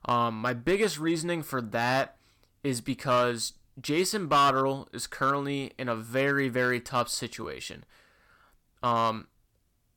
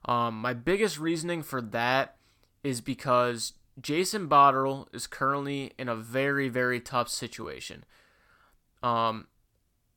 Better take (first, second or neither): second